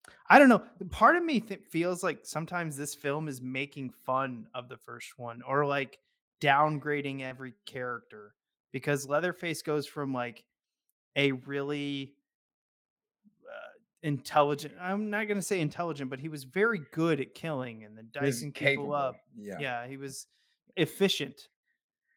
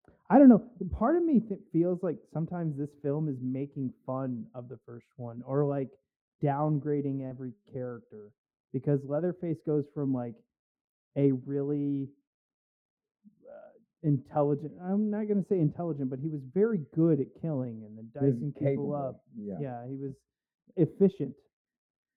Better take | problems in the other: first | muffled; very; fading above 1 kHz

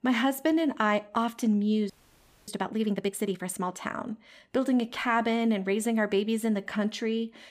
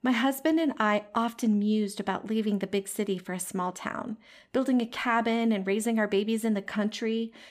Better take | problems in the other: second | audio freezing; at 2 s for 0.5 s

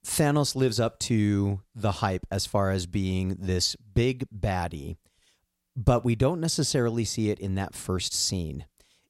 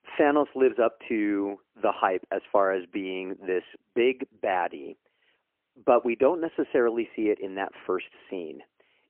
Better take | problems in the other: first | phone-call audio; poor line; nothing above 3 kHz

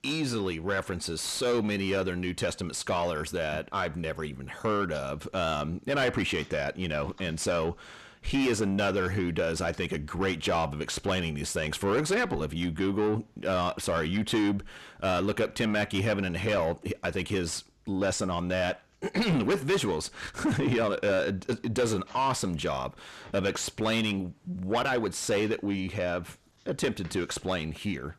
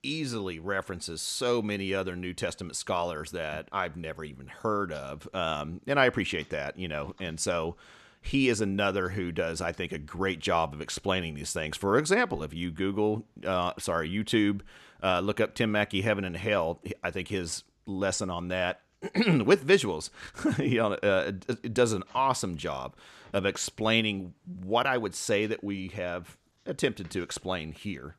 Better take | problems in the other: second | distortion; heavy; 7 dB below the speech

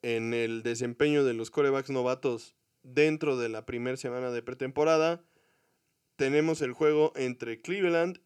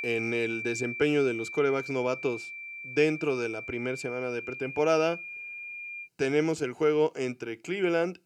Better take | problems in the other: first | high-pitched whine; loud; until 6 s; 2.5 kHz, 8 dB below the speech

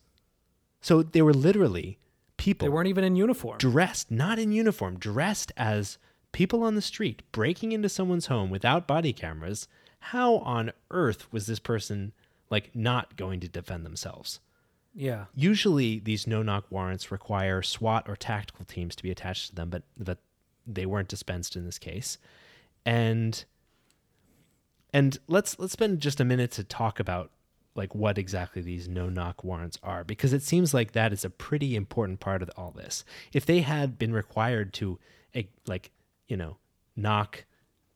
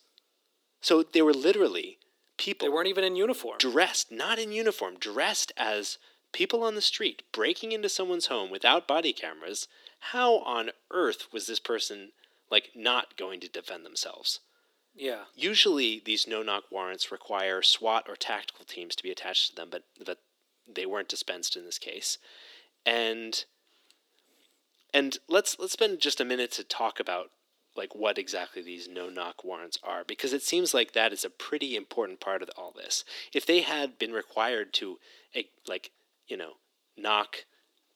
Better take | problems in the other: first | thin; very; fading below 300 Hz

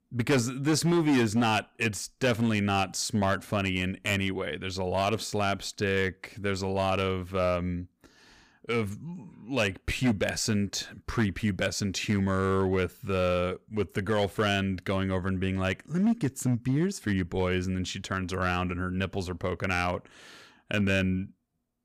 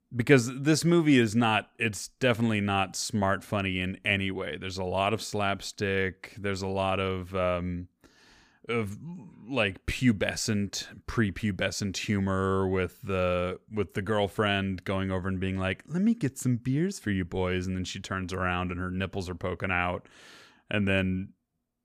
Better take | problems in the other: second | distortion; slight; 4% of the sound clipped

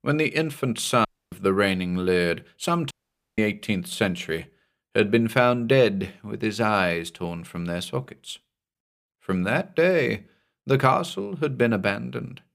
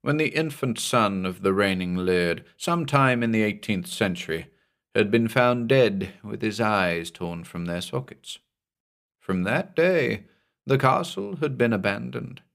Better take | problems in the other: second | audio cutting out; at 1 s and at 3 s

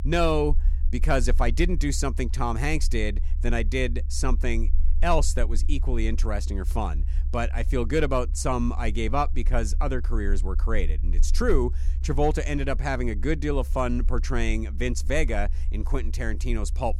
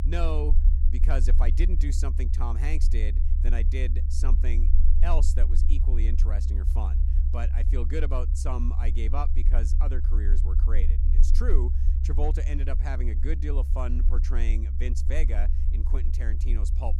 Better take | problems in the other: first | low rumble; loud; throughout; 8 dB below the speech; faint in the first

